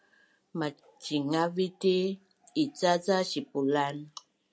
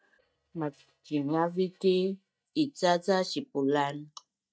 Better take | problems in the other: first | noise reduction (neural mask model DeepFilterNet 3)

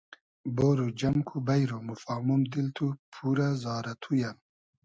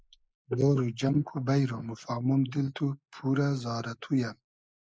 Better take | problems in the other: first | noise reduction (neural mask model Resemble Enhance denoiser)

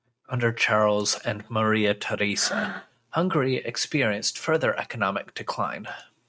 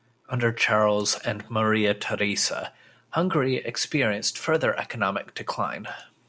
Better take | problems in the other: second | noise reduction (neural mask model RNNoise)

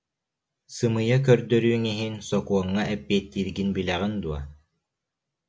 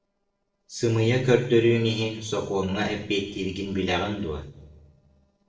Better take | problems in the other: first | noise reduction (neural separator model SepFormer DNS4)

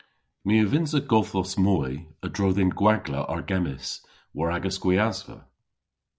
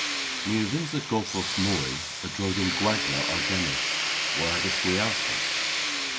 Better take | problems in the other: first | background sound (Tools); 2 dB above the speech

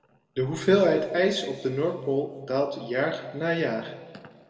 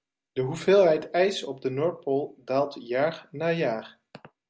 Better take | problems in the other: second | room echo; dies away in 1.4 s

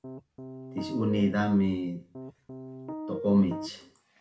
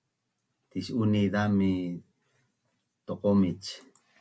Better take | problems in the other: second | background sound (Piano); 10 dB below the speech // room echo; dies away in 0.4 s

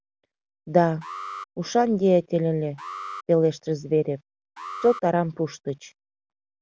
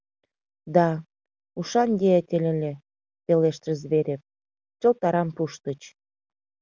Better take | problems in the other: second | background sound (Alarm); 16 dB below the speech

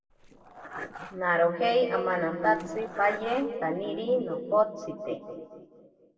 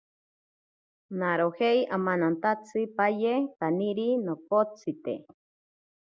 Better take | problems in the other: second | noise reduction (neural separator model SepFormer DNS4)

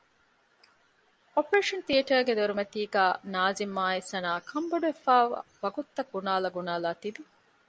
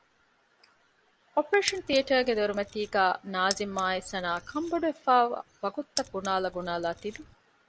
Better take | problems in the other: first | background sound (Keys jangling); 13 dB below the speech

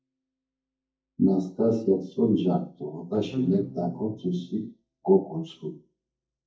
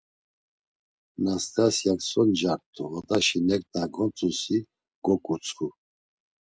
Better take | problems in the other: second | noise reduction (neural mask model DeepFilterNet 3)

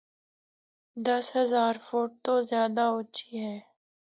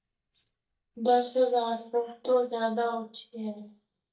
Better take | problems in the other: first | noise reduction (neural mask model DeepFilterNet 3)

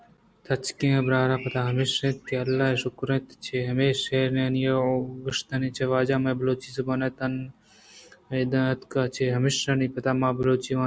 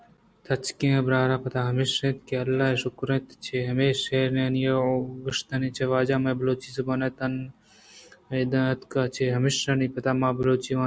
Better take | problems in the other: second | background sound (Bird); 19 dB below the speech

